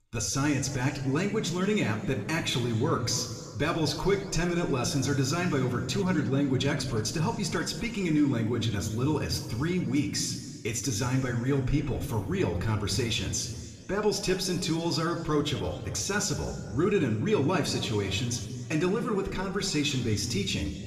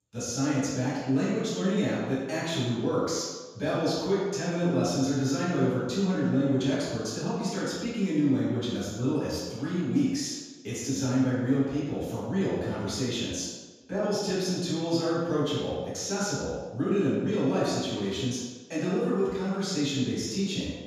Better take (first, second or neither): first